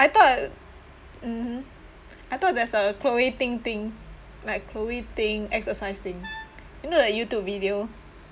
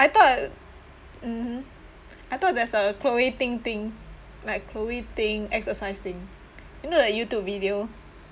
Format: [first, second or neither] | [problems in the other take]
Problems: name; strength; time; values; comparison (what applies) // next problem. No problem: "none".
second | background sound (Brass instrument); 19 dB below the speech